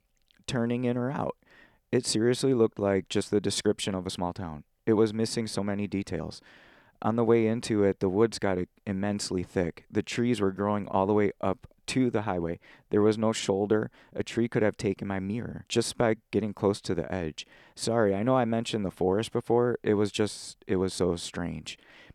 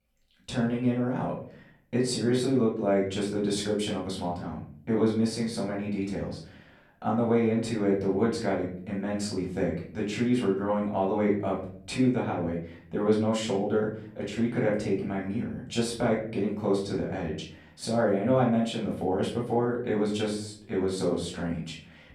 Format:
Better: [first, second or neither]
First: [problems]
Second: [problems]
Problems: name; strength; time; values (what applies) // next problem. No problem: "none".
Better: first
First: none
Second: off-mic speech; far // room echo; slight; dies away in 0.5 s